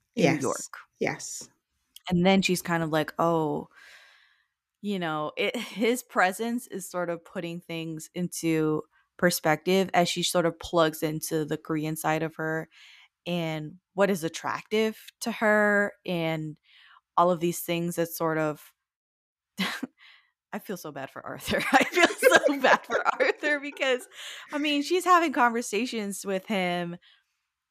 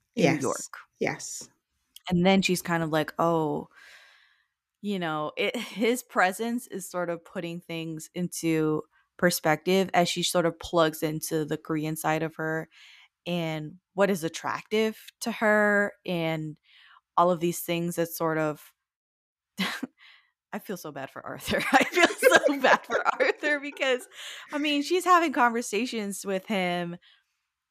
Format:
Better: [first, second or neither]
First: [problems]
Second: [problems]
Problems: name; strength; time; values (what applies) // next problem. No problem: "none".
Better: neither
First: none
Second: none